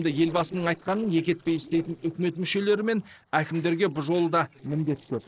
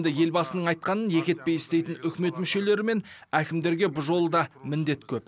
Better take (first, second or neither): second